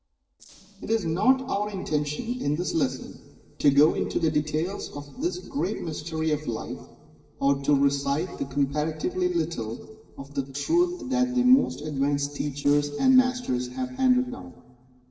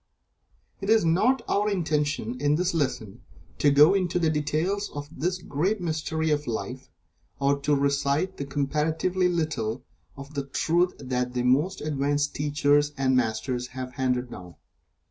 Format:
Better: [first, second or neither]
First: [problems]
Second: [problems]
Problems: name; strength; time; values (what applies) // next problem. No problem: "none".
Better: second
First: noise reduction (neural separator model SepFormer DNS4)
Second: none